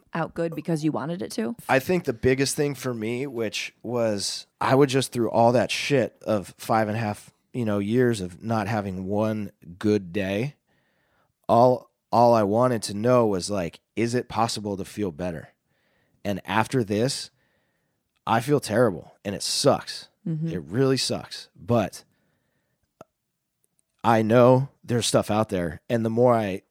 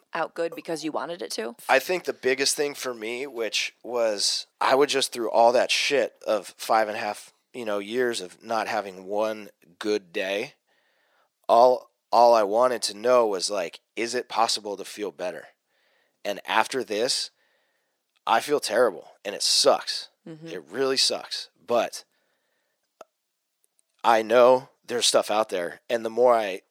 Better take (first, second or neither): first